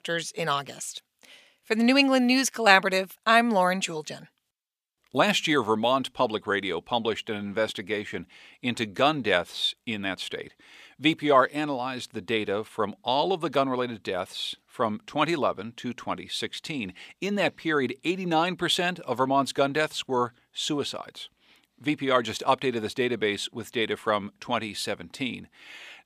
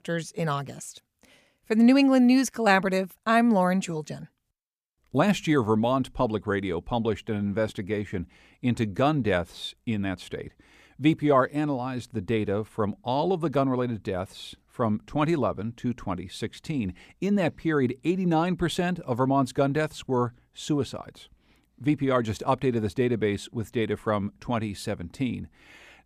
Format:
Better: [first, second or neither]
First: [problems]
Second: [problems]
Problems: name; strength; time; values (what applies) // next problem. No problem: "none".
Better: second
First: thin; very slightly; fading below 1 kHz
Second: none